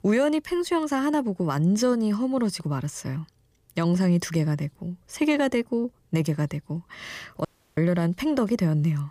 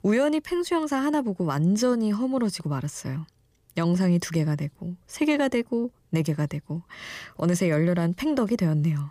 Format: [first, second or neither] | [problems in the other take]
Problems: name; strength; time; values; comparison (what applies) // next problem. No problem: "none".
second | audio cutting out; at 7.5 s